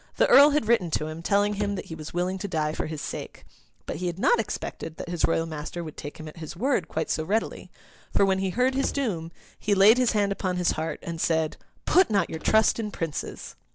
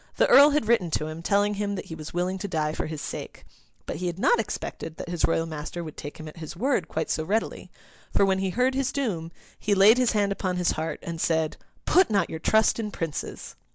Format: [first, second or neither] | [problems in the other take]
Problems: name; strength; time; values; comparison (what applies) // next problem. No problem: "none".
second | background sound (Slam / Wood); 13 dB below the speech